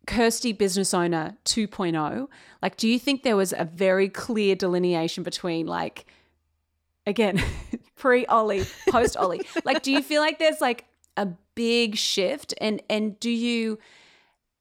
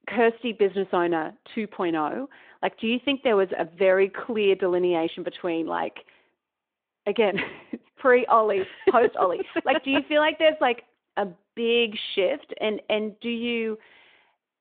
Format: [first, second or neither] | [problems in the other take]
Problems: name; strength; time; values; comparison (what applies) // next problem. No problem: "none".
first | phone-call audio